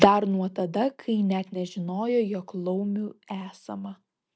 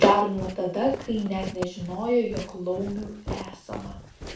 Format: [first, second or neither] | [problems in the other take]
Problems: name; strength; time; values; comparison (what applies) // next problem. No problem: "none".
first | background sound (Walk, footsteps); 12 dB below the speech // room echo; dies away in 0.3 s